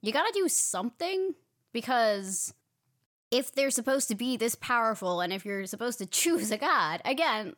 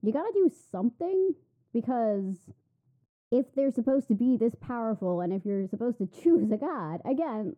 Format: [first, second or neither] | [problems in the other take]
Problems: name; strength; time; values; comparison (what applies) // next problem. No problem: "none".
first | muffled; very; fading above 1 kHz